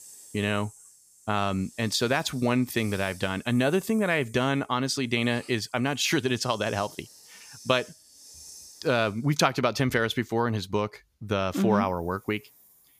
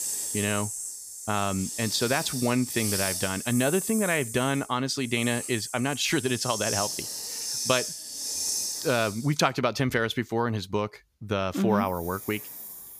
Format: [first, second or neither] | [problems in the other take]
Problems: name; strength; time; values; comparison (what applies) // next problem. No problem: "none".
first | hiss; loud; throughout; 4 dB below the speech; faint in the first